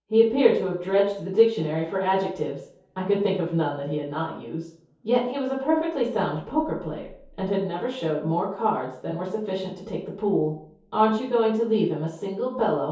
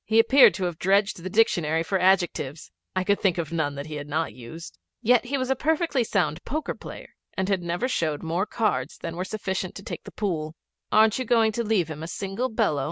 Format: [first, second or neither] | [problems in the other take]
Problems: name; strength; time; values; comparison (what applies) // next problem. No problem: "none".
second | room echo; dies away in 0.6 s